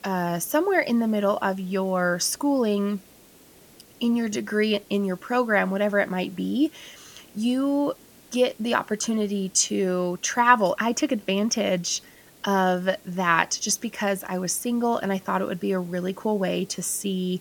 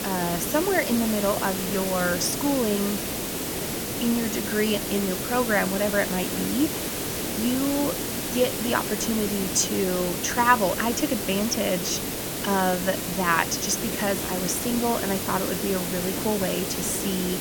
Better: first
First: hiss; faint; throughout; 25 dB below the speech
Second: hiss; loud; throughout; 2 dB below the speech

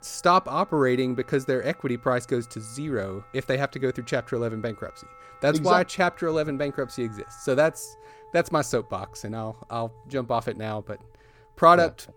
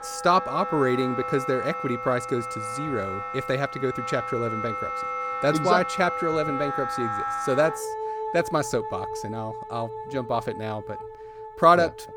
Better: first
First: background music; faint; throughout; 25 dB below the speech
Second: background music; loud; throughout; 6 dB below the speech

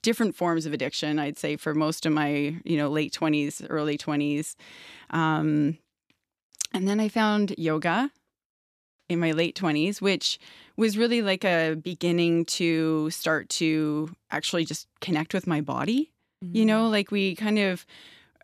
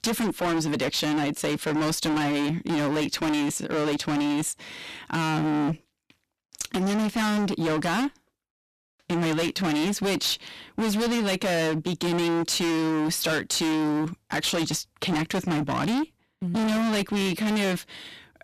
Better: first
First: none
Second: distortion; heavy; 35% of the sound clipped

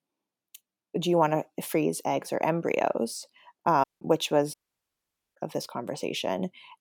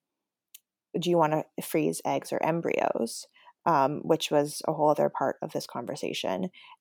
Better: second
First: audio cutting out; at 4 s and at 4.5 s for 1 s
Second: none

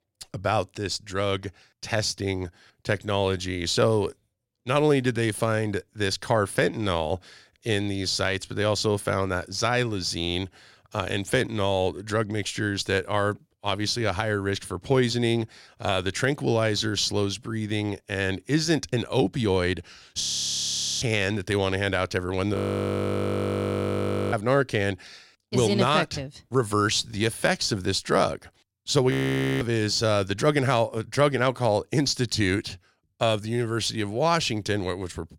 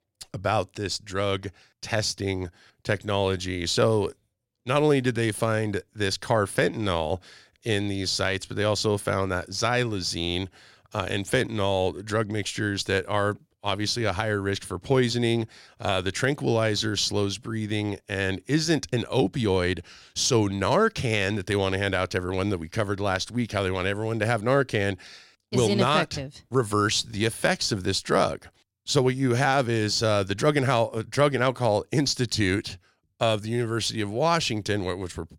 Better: second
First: audio freezing; at 20 s for 1 s, at 23 s for 2 s and at 29 s for 0.5 s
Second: none

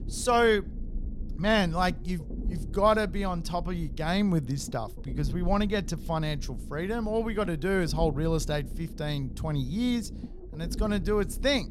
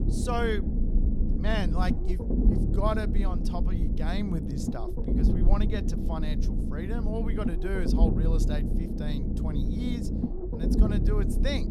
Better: first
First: low rumble; faint; throughout; 20 dB below the speech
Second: low rumble; loud; throughout; 3 dB below the speech

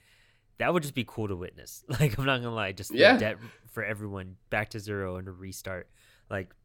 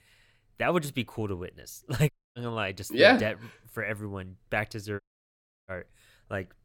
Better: first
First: none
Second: audio cutting out; at 2 s and at 5 s for 0.5 s

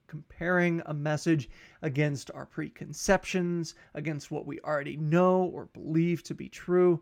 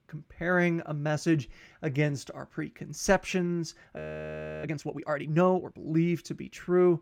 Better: first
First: none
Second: audio freezing; at 4 s for 0.5 s

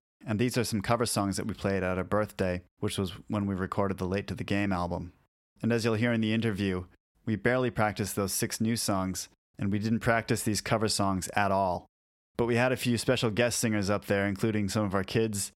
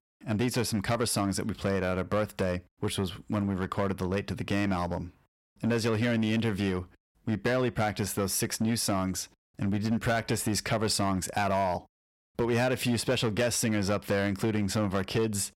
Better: first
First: none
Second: distortion; slight; 7% of the sound clipped

